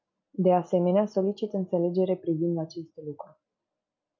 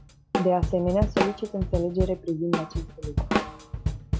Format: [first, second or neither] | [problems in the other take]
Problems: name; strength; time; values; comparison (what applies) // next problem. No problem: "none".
first | background sound (Drum kit); as loud as the speech